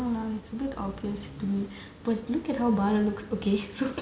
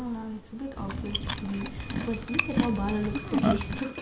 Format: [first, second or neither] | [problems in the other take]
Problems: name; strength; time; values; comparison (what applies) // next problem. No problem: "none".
first | background sound (Chewing, mastication + Bell); 1 dB above the speech